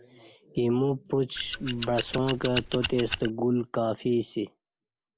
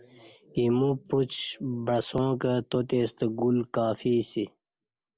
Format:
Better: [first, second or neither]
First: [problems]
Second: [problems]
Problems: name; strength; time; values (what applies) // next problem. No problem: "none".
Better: second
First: background sound (Scissors); 7 dB below the speech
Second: none